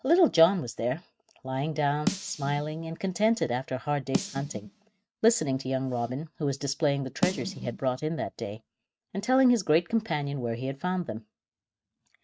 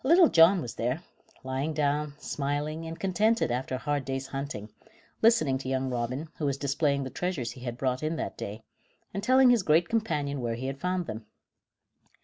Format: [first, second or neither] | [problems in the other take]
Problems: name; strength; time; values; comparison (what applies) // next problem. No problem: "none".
second | noise reduction (neural mask model RNNoise)